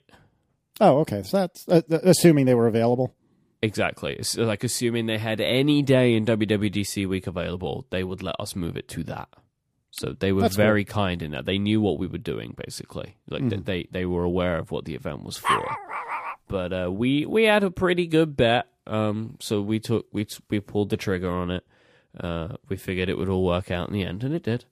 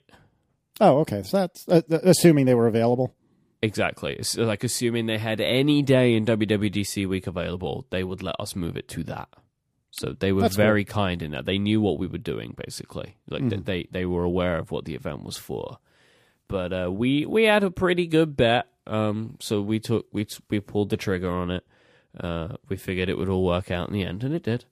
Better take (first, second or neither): second